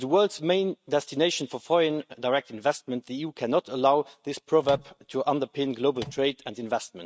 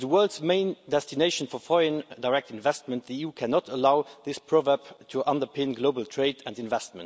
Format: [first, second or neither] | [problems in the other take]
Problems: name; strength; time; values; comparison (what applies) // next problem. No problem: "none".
second | noise reduction (neural mask model RNNoise)